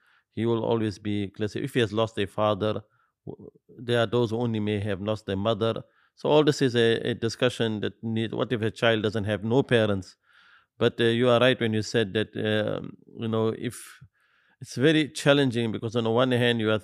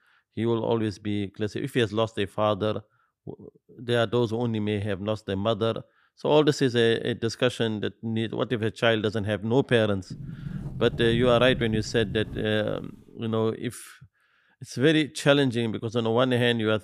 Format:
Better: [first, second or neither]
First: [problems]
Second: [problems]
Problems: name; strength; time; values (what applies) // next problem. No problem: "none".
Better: first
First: none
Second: door banging; noticeable; from 10 to 12 s; peak 8 dB below the speech